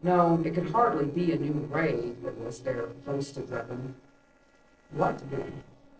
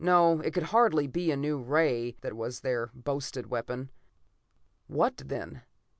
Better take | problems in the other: second | noise reduction (neural separator model SepFormer DNS4)

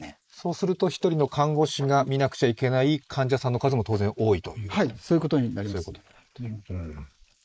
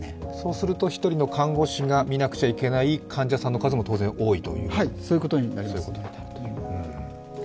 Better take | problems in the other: second | noise reduction (neural mask model Resemble Enhance denoiser)

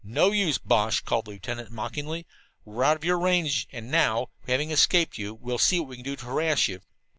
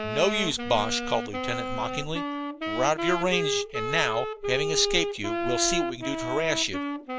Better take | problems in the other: first | background sound (Wind instrument, woodwind instrument); 2 dB below the speech

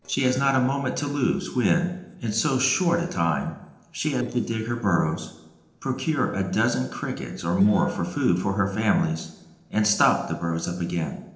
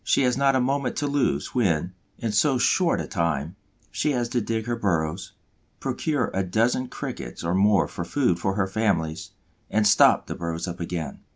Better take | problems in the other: second | noise reduction (neural separator model SepFormer DNS4)

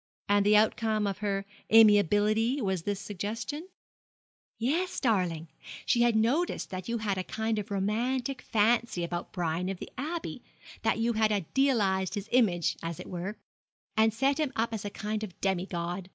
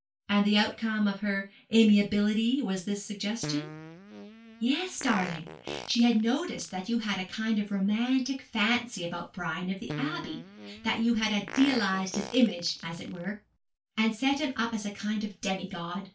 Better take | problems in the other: first | background sound (Fart); 13 dB below the speech // room echo; dies away in 0.2 s

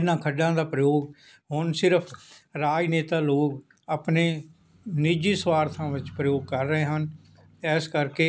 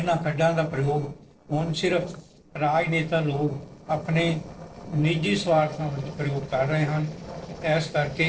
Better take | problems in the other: first | noise reduction (neural separator model SepFormer DNS4)

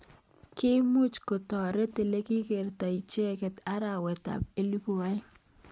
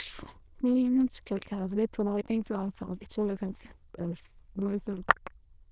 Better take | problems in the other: first | noise reduction (neural diffusion model UNIVERSE++)

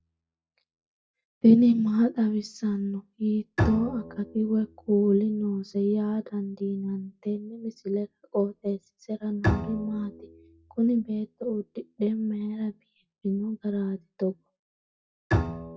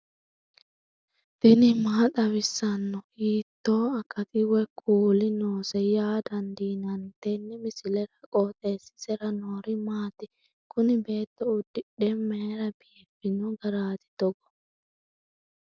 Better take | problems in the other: second | noise reduction (classical method WPE with log-MMSE)

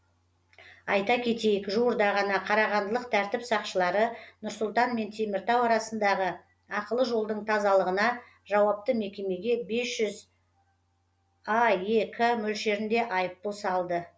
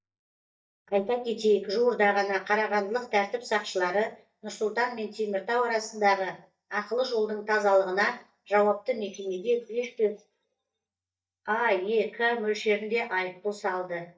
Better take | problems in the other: first | noise reduction (neural mask model DeepFilterNet 3)

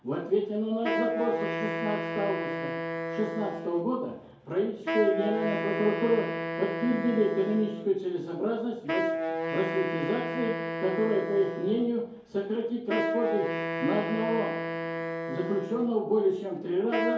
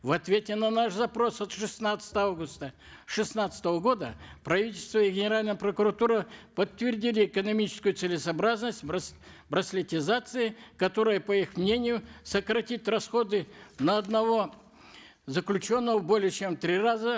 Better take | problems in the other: second | background sound (Wind instrument, woodwind instrument); 4 dB below the speech // room echo; dies away in 2.4 s

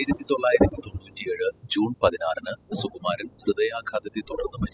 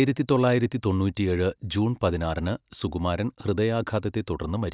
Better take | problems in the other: second | noise reduction (classical method spectral subtraction)

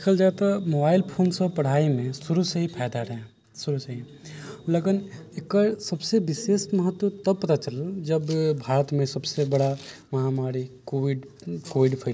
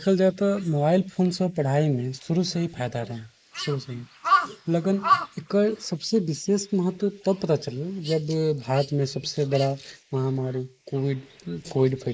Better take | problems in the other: first | noise reduction (neural mask model Resemble Enhance denoiser)

